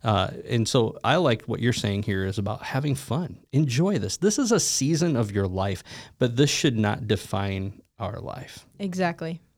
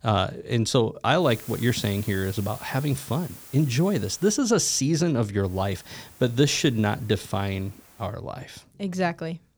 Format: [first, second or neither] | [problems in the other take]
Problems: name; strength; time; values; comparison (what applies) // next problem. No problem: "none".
first | hiss; noticeable; from 1.5 to 4.5 s and from 5.5 to 8 s; 20 dB below the speech